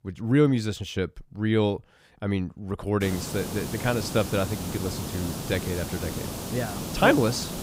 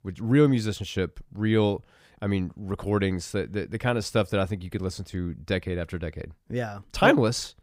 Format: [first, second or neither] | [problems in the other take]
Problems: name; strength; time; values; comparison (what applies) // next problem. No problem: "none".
second | hiss; loud; from 3 s on; 7 dB below the speech